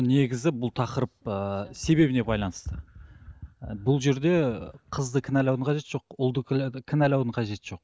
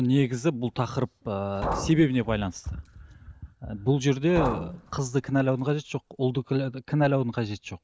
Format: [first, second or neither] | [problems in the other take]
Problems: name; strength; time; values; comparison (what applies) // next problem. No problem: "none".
first | background sound (Liquid); 10 dB below the speech